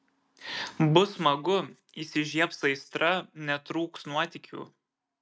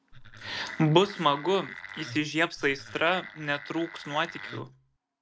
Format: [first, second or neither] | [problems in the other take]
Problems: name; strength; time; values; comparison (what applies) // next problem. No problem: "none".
first | background sound (Wood); 15 dB below the speech